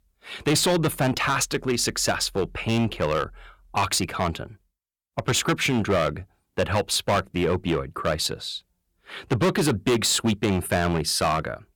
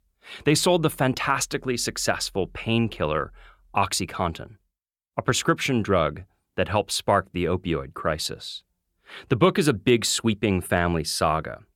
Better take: second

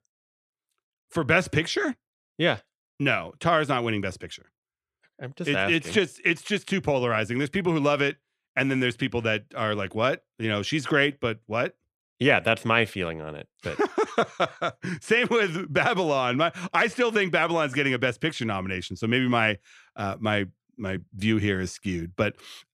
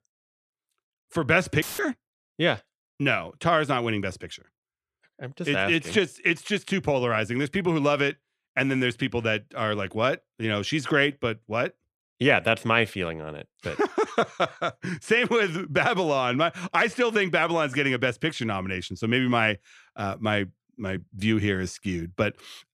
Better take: first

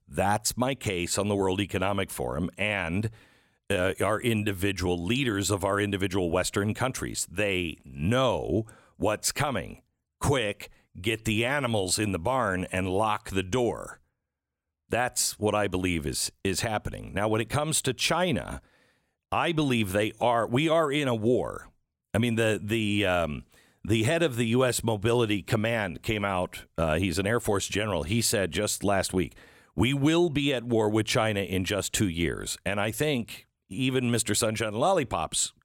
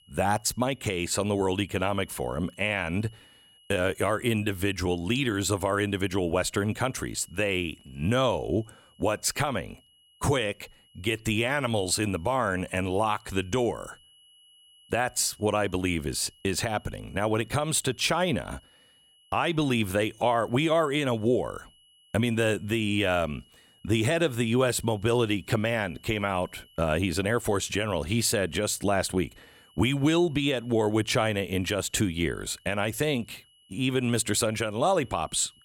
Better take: first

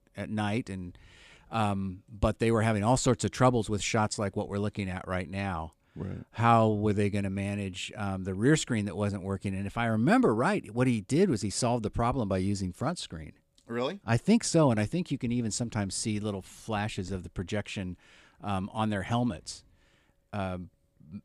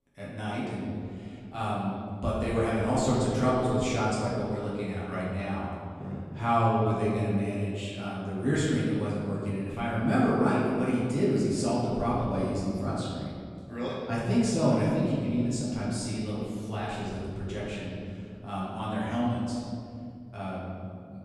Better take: first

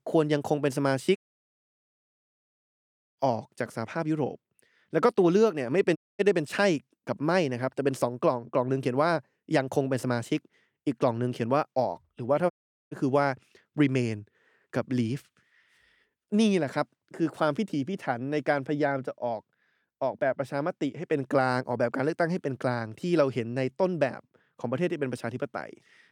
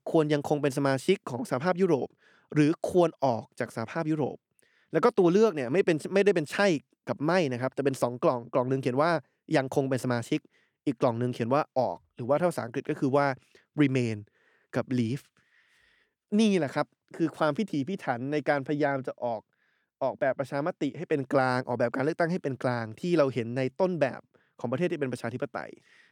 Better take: second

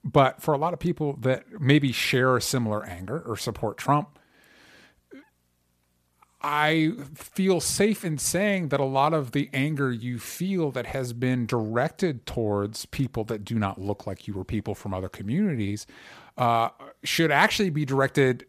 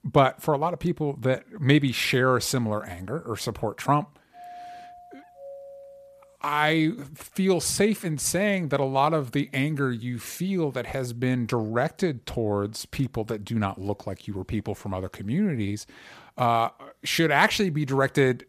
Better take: first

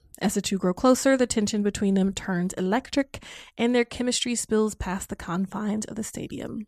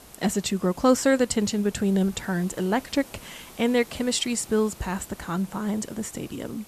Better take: first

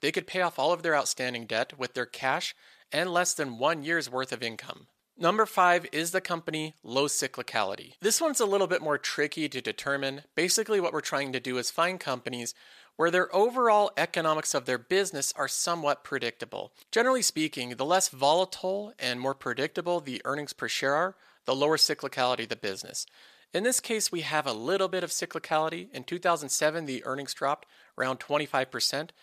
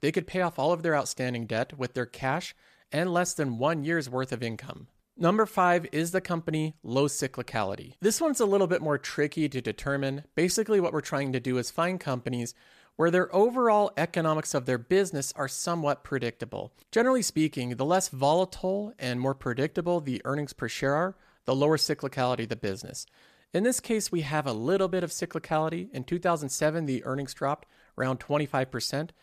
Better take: second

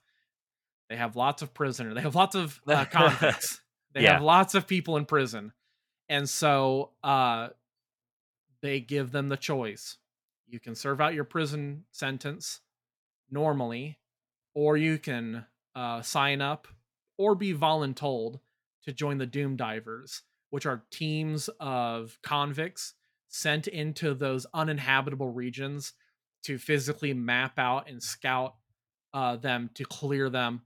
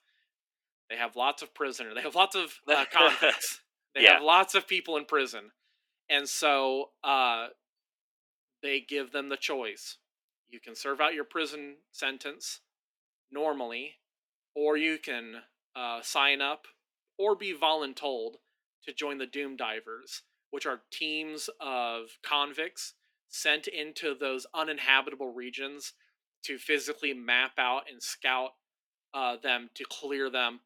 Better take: first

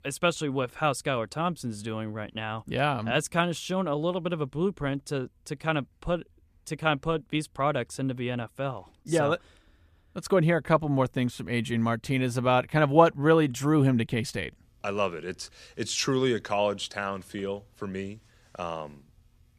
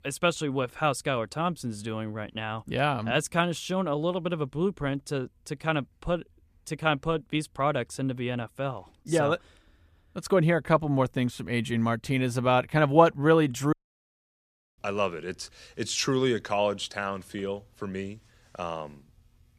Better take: first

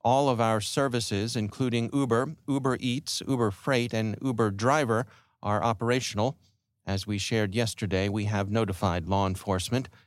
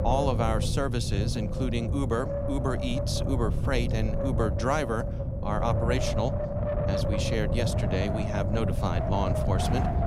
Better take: first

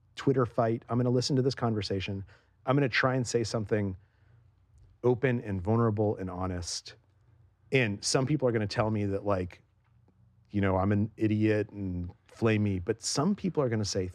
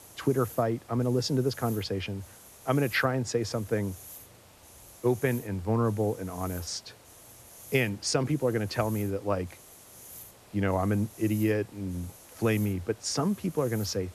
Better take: first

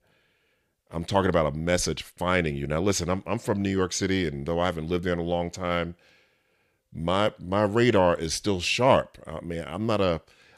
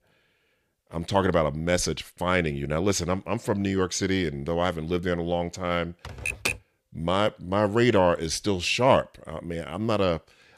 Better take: first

